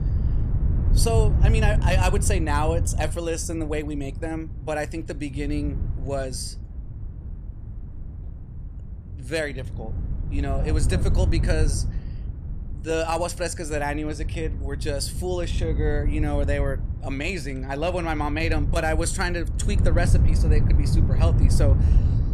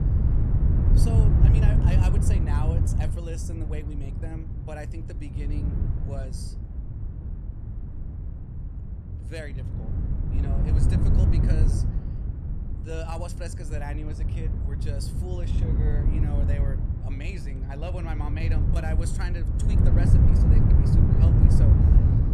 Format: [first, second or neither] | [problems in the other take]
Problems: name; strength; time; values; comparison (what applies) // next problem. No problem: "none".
first | wind noise on the microphone; heavy; 3 dB above the speech; occasional gusts in the first